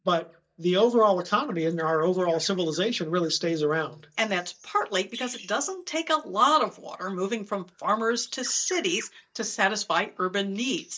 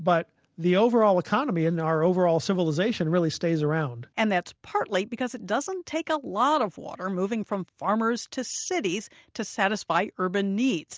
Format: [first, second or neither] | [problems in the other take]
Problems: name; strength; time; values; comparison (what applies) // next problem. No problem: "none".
second | noise reduction (neural mask model DeepFilterNet 3)